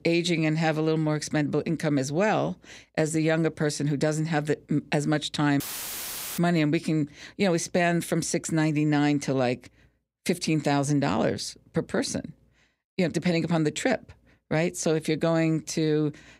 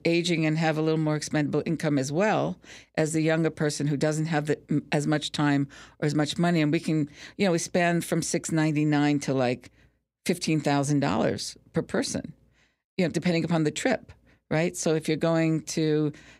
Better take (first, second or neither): second